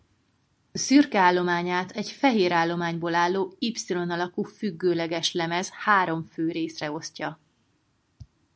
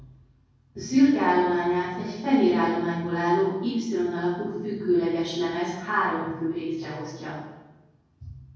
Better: first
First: none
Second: room echo; dies away in 1.3 s

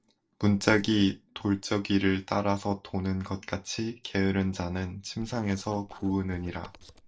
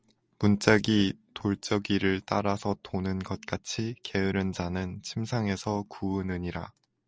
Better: second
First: noise reduction (neural separator model SepFormer DNS4)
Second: none

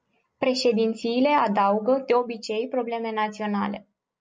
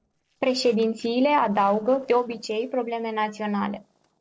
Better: first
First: none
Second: noise reduction (neural separator model SepFormer DNS4)

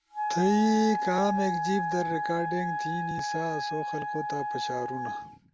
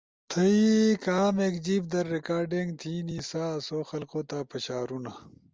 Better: second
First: background sound (Wind instrument, woodwind instrument); 1 dB below the speech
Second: none

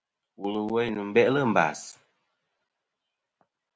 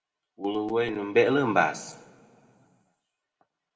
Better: first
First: none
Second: room echo; dies away in 1.2 s

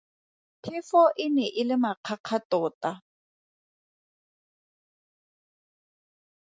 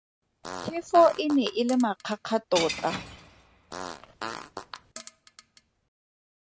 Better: first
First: none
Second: background sound (Fart + Shatter / Crushing); 11 dB below the speech

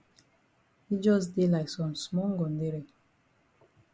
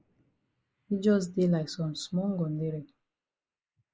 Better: first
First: none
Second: noise reduction (neural mask model Resemble Enhance denoiser)

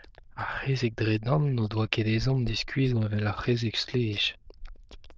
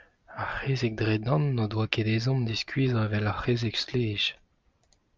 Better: second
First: noise reduction (neural diffusion model UNIVERSE++)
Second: none

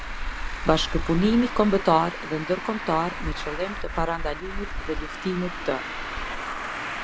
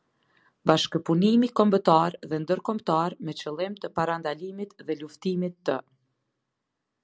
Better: second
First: background sound (Traffic noise, roadway noise); 4 dB below the speech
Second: none

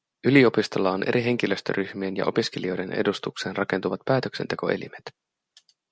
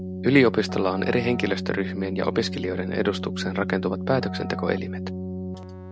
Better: first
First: none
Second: background sound (Keyboard (musical)); 5 dB below the speech

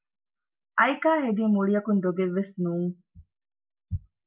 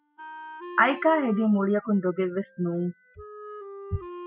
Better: first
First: none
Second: noise reduction (classical method spectral subtraction)

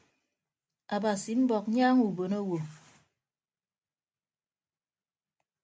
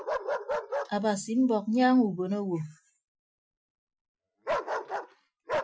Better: first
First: none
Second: noise reduction (classical method Wiener filter)

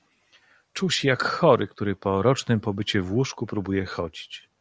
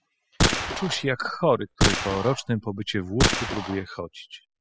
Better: first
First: none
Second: noise reduction (classical method spectral subtraction)

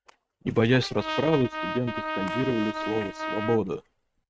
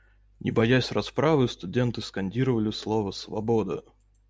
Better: second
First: noise reduction (neural mask model RNNoise)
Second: none

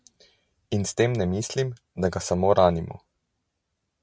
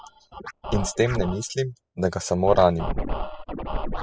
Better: first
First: none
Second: noise reduction (classical method spectral subtraction)

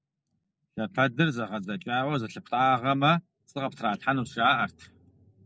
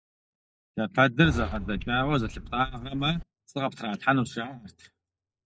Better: first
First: none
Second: noise reduction (neural mask model DeepFilterNet 3)

